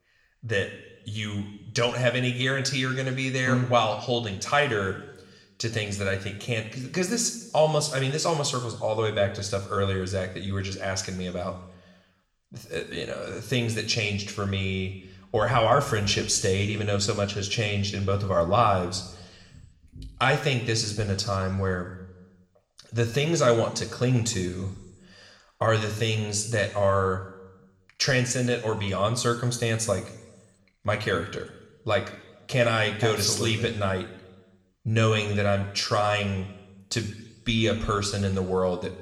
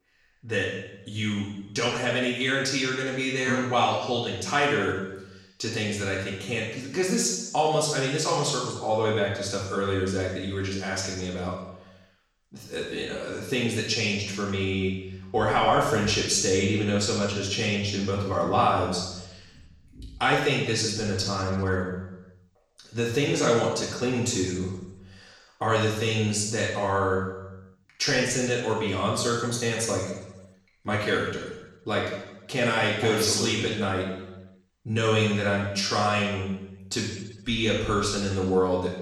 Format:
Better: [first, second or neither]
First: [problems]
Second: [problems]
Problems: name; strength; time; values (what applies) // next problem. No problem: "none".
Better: first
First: room echo; slight; dies away in 0.9 s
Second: room echo; strong; dies away in 0.9 s // off-mic speech; far